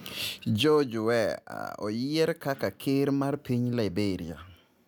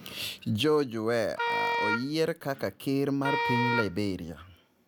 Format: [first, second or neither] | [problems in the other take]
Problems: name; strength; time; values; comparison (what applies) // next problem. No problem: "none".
first | background sound (Wind instrument, woodwind instrument); 1 dB below the speech